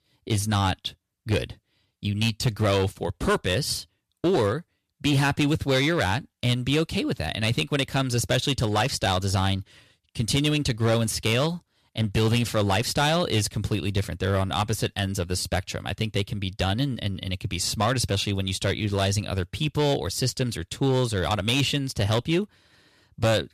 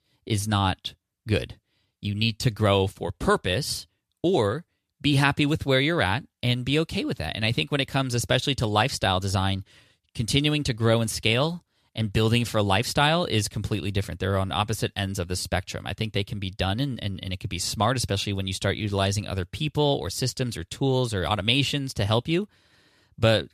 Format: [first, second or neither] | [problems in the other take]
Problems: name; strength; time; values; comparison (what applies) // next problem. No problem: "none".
second | distortion; slight; 6% of the sound clipped